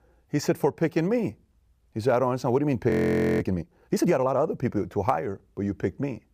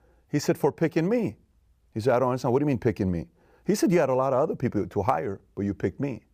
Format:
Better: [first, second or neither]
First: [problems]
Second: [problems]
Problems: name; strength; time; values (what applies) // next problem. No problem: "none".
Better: second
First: audio freezing; at 3 s for 0.5 s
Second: none